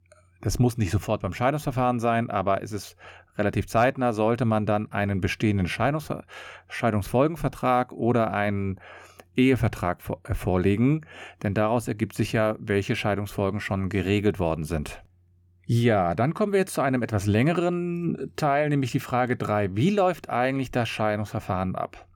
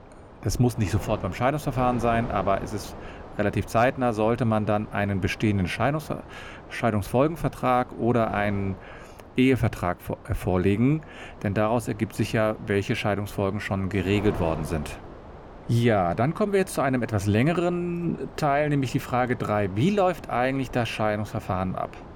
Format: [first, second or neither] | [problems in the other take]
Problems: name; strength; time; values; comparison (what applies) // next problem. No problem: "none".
first | wind noise on the microphone; occasional gusts; 15 dB below the speech